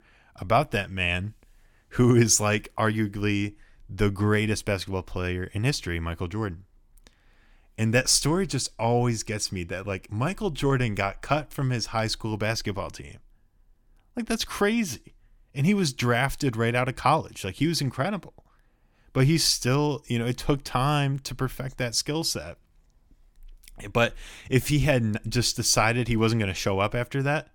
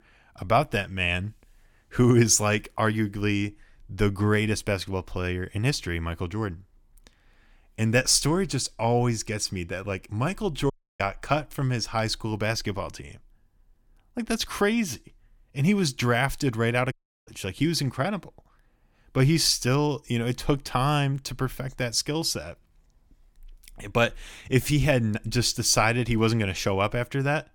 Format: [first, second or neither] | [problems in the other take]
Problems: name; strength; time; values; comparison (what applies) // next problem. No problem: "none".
first | audio cutting out; at 11 s and at 17 s